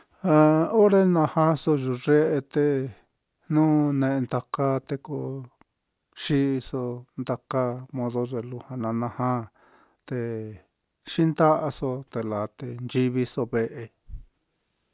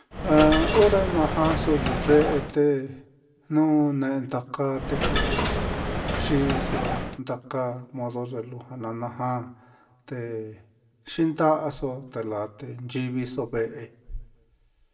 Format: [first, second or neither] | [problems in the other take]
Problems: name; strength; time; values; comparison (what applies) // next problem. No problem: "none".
first | background sound (Coin (dropping)); as loud as the speech // room echo; dies away in 0.7 s